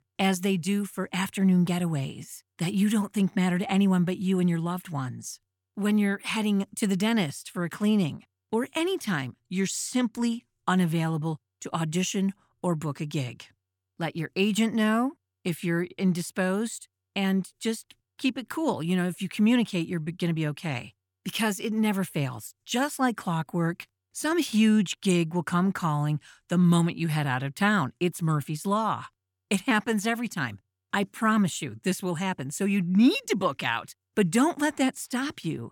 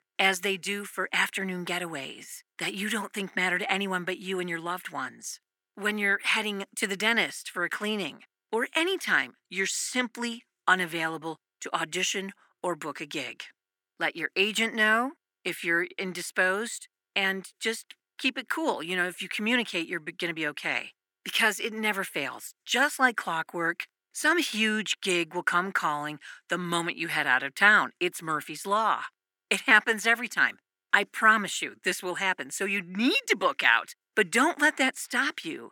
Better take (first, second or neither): first